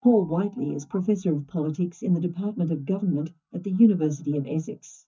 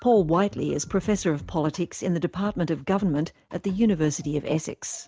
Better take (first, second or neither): second